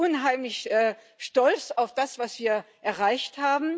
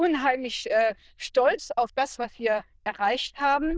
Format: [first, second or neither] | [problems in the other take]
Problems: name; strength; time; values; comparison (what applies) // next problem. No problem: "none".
first | noise reduction (neural diffusion model UNIVERSE++)